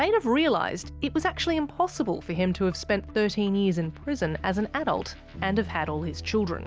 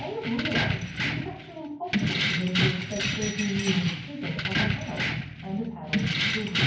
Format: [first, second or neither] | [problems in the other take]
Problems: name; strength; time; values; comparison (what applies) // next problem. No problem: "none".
first | background sound (Keys jangling); 3 dB above the speech // room echo; dies away in 0.9 s